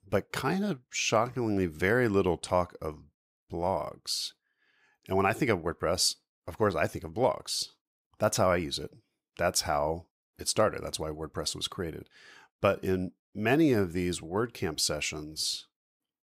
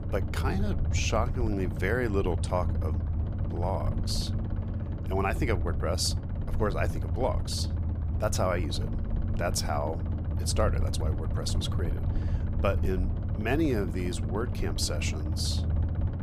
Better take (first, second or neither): first